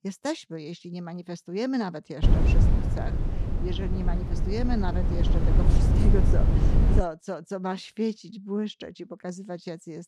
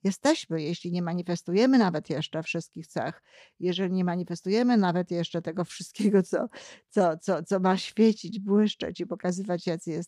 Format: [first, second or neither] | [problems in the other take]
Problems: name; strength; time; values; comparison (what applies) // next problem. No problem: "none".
second | low rumble; loud; from 2 to 7 s; 1 dB below the speech